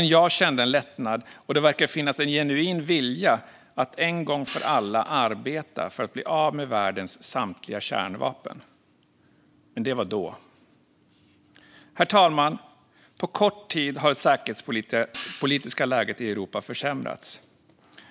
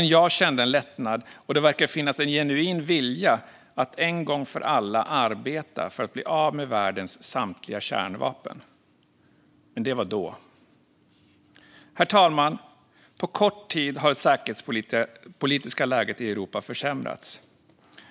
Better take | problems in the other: second | background sound (Hi-hat); 18 dB below the speech

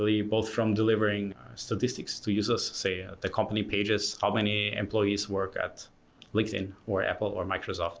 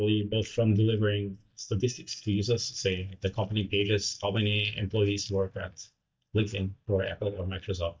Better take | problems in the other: first | noise reduction (neural mask model DeepFilterNet 3)

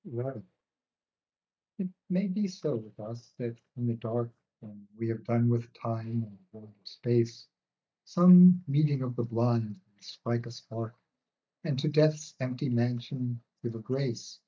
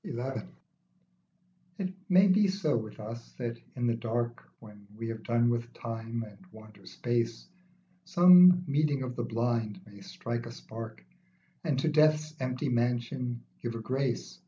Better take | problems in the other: second | noise reduction (neural mask model DeepFilterNet 3)

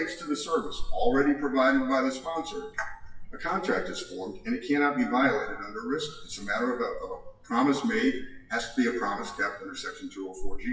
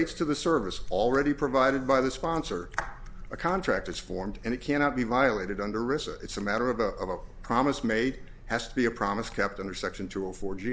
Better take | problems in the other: second | noise reduction (classical method WPE with log-MMSE)

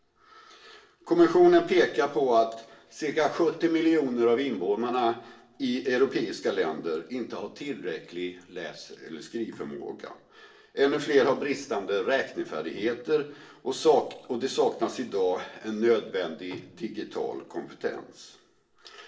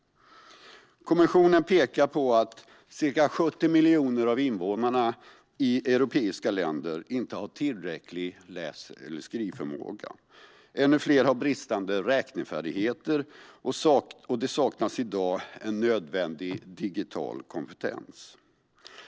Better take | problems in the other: second | room echo; dies away in 0.7 s

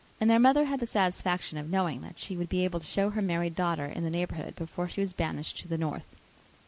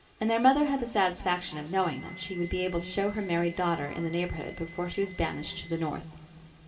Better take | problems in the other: first | background sound (Wind instrument, woodwind instrument); 20 dB below the speech // room echo; dies away in 2.4 s

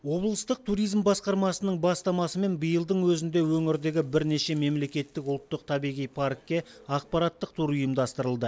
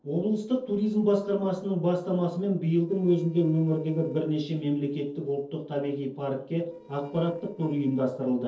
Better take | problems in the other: first | noise reduction (neural separator model SepFormer DNS4)

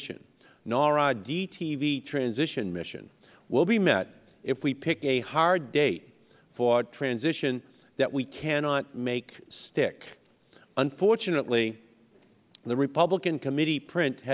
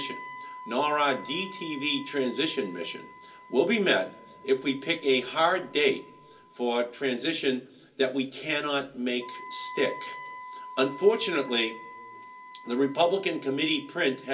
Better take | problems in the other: first | background sound (Wind instrument, woodwind instrument); 16 dB below the speech // room echo; dies away in 0.3 s

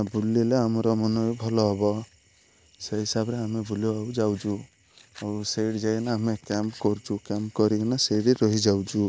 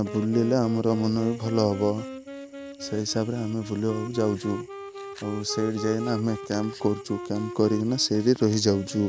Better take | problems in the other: first | background sound (Wind instrument, woodwind instrument); 12 dB below the speech

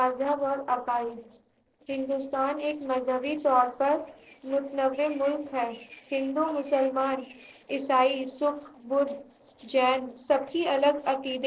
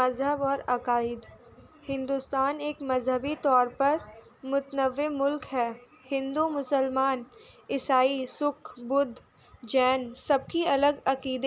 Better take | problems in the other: second | noise reduction (neural separator model SepFormer DNS4)

